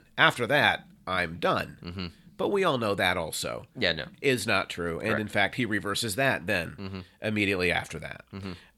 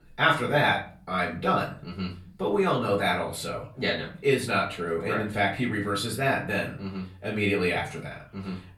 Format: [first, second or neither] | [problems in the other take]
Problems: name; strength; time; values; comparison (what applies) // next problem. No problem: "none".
first | off-mic speech; far // room echo; slight; dies away in 0.4 s